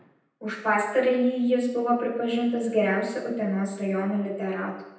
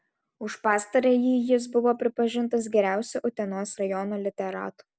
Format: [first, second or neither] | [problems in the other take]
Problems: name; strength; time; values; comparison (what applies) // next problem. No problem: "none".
second | room echo; dies away in 0.9 s